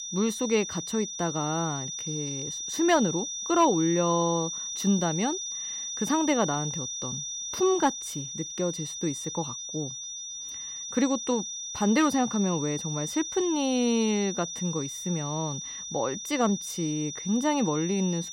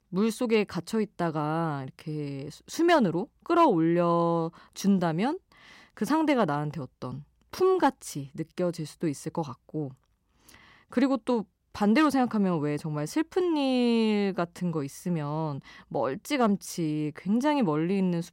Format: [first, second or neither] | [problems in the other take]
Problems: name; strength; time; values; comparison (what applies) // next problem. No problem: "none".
second | high-pitched whine; loud; throughout; 6 kHz, 5 dB below the speech